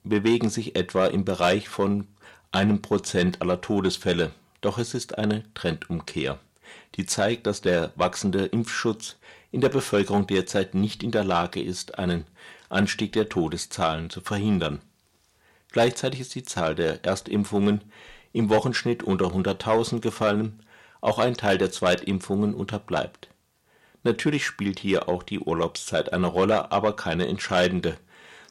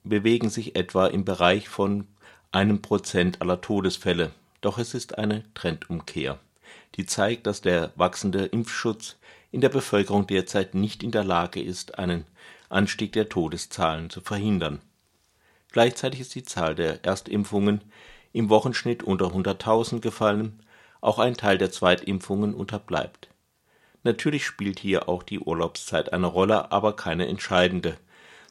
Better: second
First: distortion; slight; 10 dB below the speech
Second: none

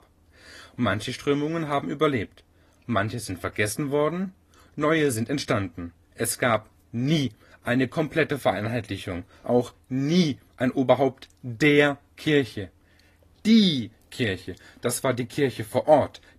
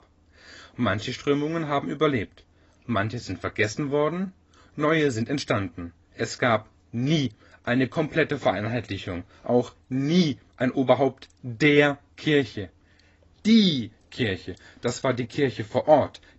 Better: first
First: garbled, watery; slightly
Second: garbled, watery; badly; nothing above 7.5 kHz

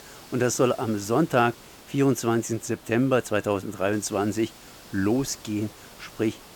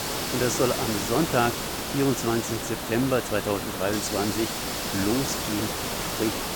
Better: first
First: hiss; faint; throughout; 20 dB below the speech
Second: hiss; loud; throughout; 1 dB below the speech

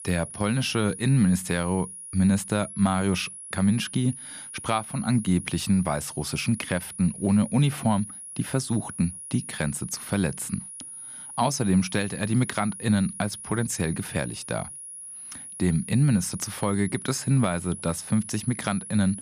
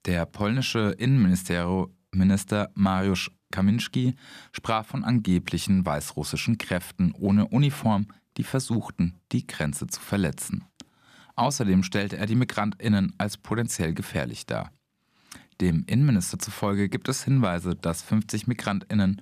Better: second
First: high-pitched whine; noticeable; throughout; 10.5 kHz, 10 dB below the speech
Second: none

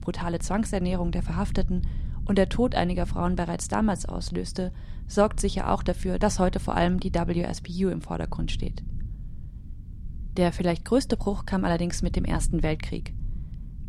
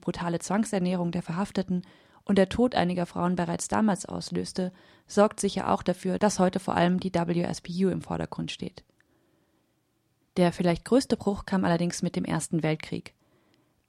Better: second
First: low rumble; faint; throughout; 20 dB below the speech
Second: none

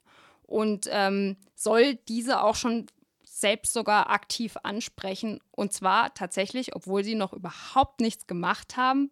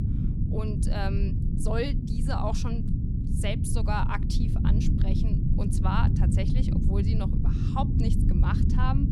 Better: first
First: none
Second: low rumble; loud; throughout; 3 dB below the speech

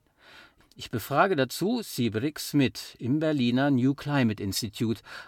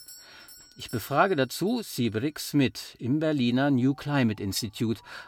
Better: first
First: none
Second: alarms or sirens; faint; throughout; 25 dB below the speech

